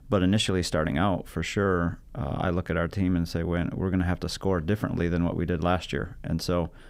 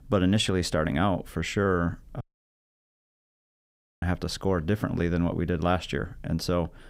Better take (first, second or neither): first